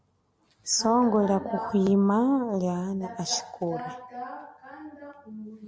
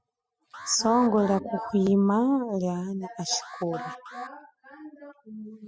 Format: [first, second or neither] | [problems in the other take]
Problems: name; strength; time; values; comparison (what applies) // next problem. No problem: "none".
first | noise reduction (classical method spectral subtraction)